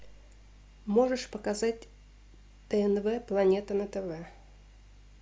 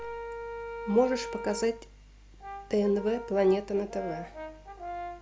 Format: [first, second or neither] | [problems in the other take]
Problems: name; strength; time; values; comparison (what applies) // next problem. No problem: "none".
first | background sound (Brass instrument); 10 dB below the speech